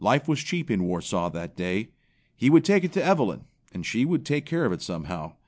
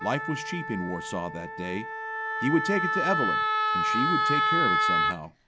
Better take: first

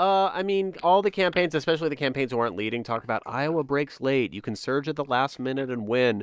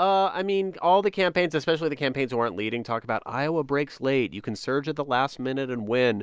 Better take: second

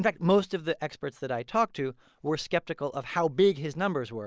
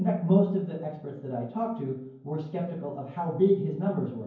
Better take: first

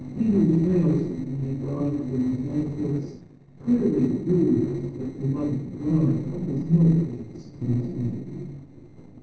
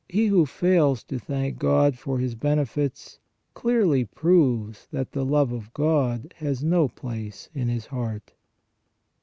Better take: second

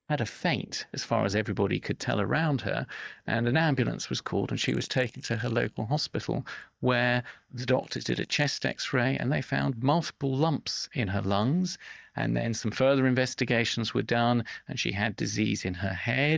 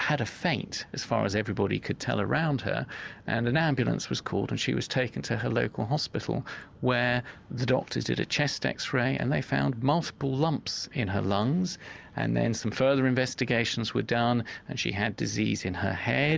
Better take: second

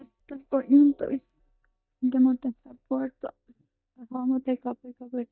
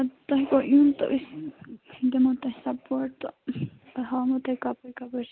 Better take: second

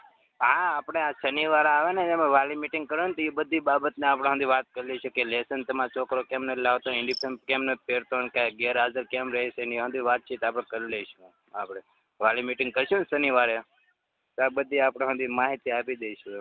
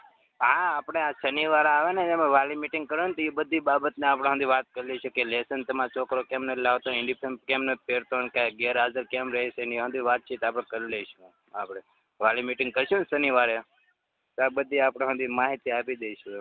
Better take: second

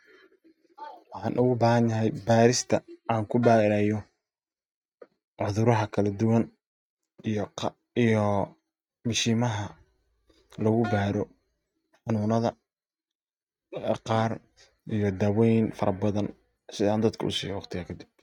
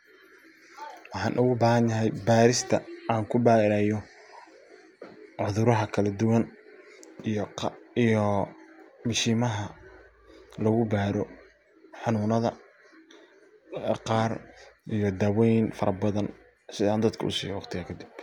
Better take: second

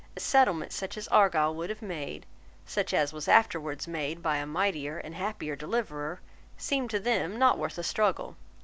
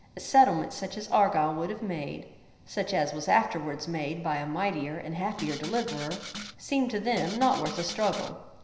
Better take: first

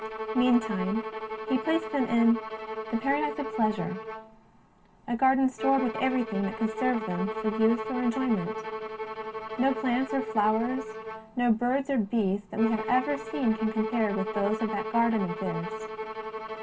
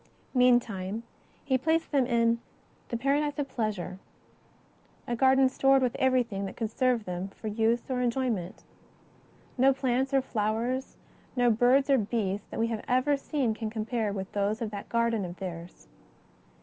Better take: second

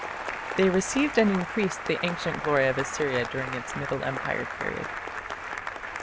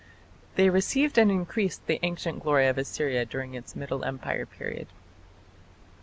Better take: second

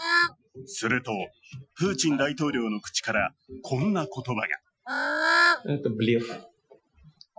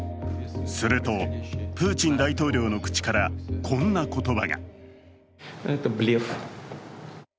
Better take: second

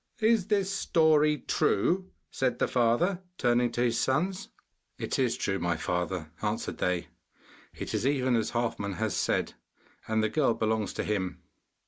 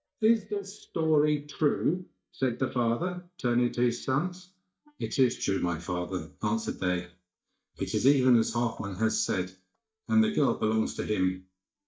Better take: first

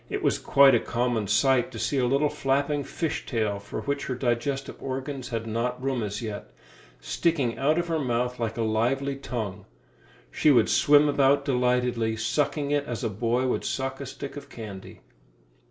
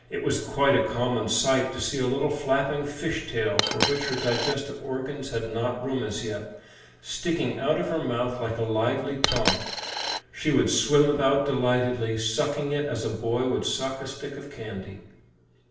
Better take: first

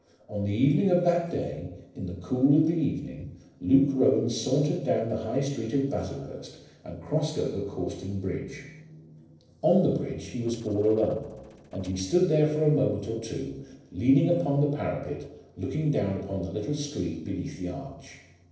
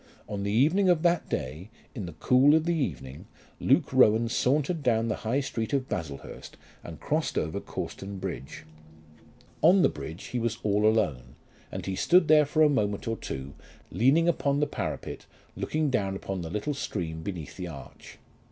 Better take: second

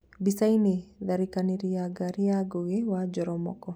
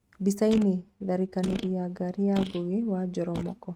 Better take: first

